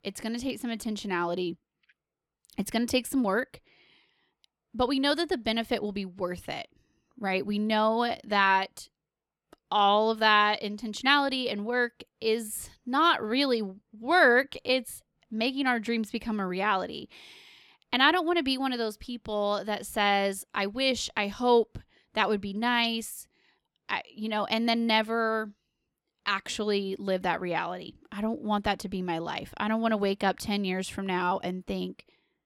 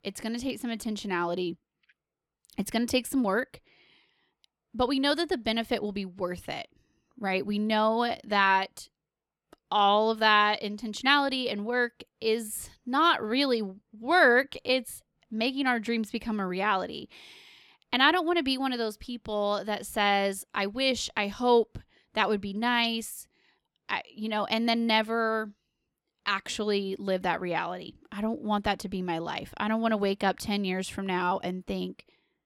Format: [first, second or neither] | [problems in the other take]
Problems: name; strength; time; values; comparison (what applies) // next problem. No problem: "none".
neither | none